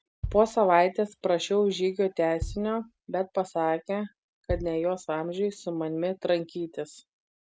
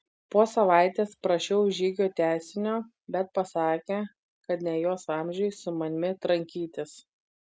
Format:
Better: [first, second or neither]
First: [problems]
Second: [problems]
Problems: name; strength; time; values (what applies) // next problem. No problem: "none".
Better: second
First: background sound (Bass drum); 15 dB below the speech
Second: none